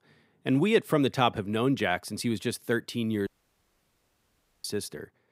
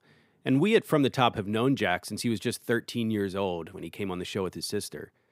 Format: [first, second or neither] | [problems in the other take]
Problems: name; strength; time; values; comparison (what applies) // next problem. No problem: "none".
second | audio cutting out; at 3.5 s for 1.5 s